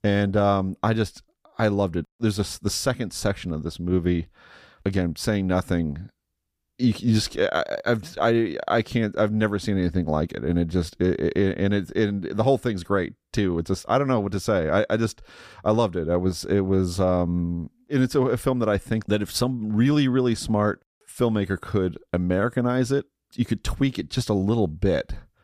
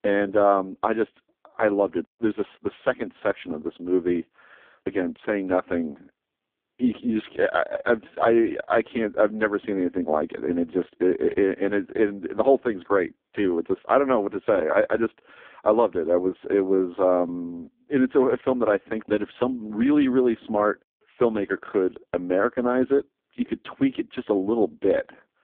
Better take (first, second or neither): first